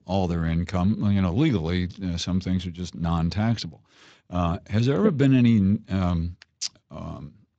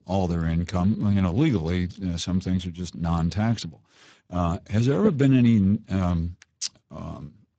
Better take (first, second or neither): first